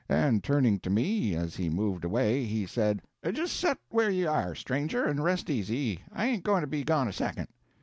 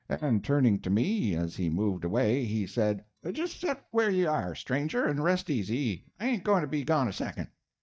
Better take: first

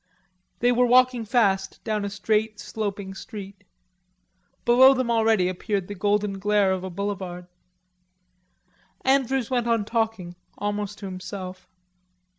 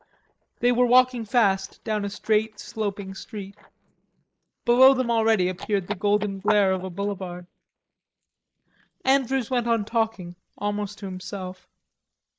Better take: first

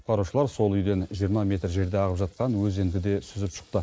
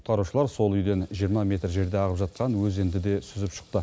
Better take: second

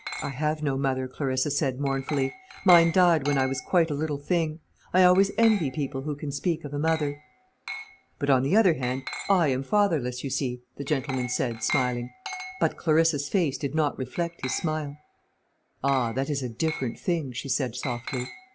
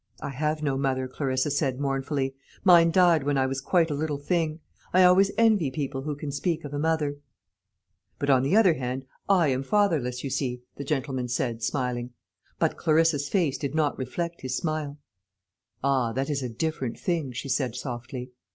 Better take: second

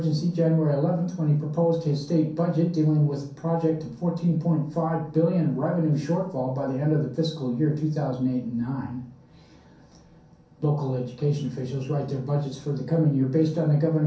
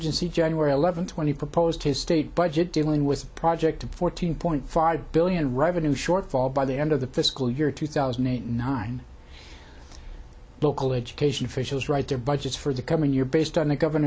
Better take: second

